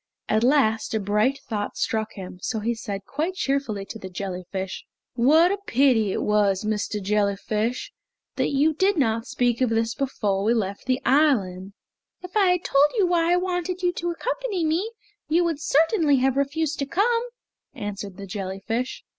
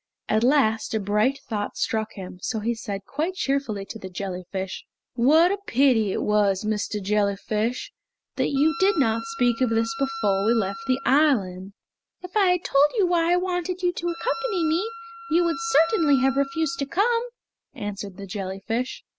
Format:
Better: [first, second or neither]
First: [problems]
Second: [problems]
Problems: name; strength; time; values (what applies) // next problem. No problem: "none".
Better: first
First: none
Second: background sound (Wind instrument, woodwind instrument); 12 dB below the speech